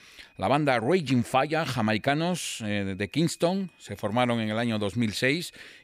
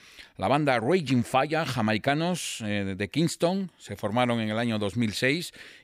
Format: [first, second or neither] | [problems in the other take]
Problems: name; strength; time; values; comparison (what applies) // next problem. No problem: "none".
second | high-pitched whine; faint; throughout; 2.5 kHz, 35 dB below the speech